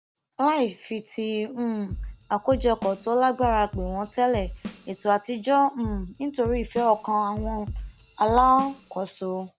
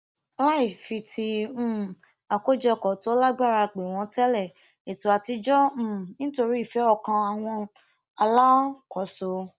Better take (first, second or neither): second